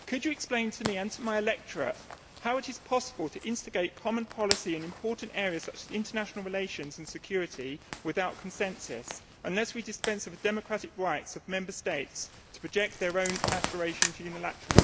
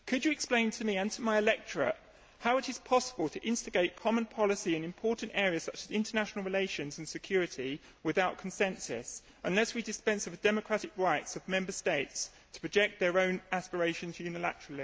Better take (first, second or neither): second